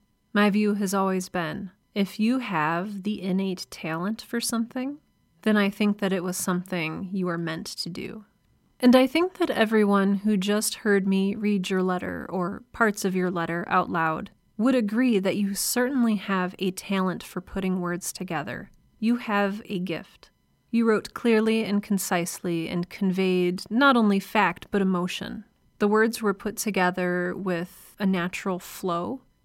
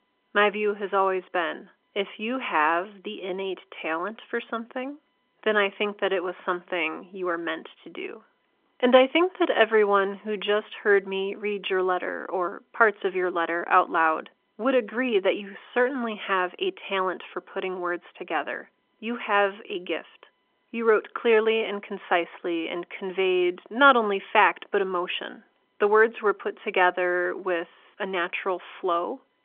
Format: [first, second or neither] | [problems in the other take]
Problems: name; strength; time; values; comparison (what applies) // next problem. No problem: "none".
first | phone-call audio; nothing above 3.5 kHz